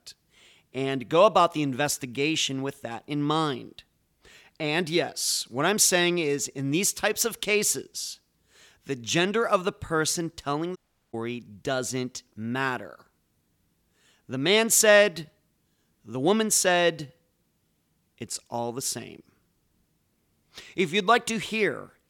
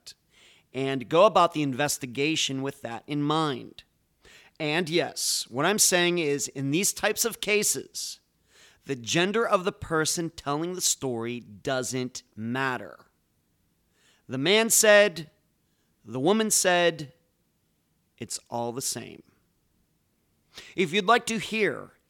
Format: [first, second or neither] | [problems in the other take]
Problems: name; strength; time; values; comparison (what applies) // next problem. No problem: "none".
second | audio cutting out; at 11 s